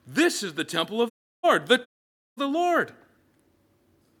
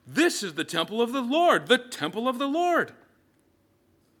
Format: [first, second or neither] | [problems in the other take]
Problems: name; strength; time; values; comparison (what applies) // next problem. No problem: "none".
second | audio cutting out; at 1 s and at 2 s for 0.5 s